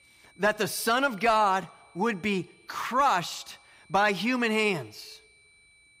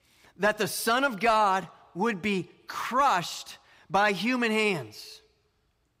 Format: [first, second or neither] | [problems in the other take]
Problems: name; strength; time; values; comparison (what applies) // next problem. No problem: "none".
second | high-pitched whine; faint; throughout; 2.5 kHz, 30 dB below the speech